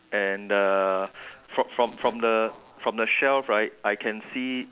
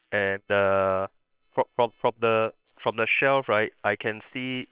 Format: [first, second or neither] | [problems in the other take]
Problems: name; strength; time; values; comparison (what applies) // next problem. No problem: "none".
first | noise reduction (neural separator model SepFormer WHAM!)